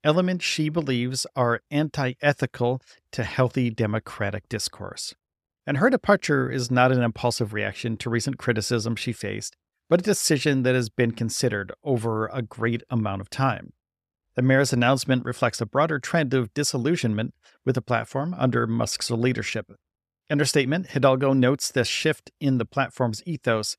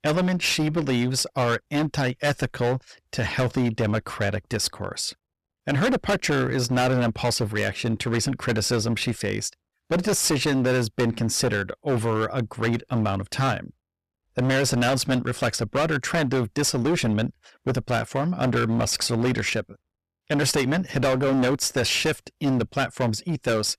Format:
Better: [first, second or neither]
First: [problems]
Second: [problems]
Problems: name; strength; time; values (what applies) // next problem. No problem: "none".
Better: first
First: none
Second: distortion; heavy; 16% of the sound clipped